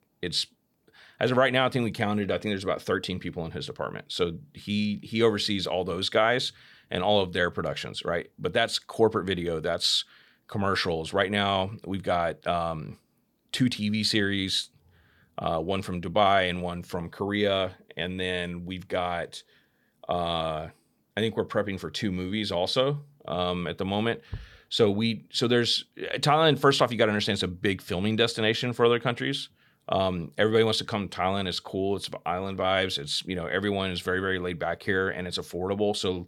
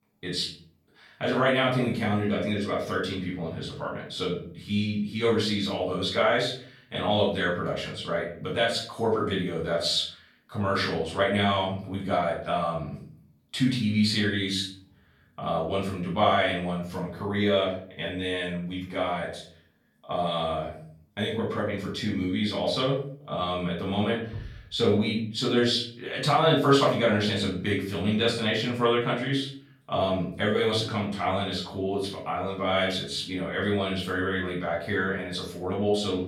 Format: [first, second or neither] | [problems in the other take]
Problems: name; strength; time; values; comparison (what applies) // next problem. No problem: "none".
first | room echo; noticeable; dies away in 0.4 s // off-mic speech; far